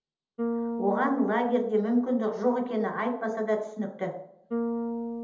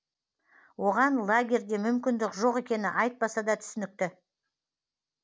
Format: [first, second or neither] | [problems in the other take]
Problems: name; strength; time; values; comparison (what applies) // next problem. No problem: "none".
second | background sound (Bass guitar); 7 dB below the speech // room echo; dies away in 1.2 s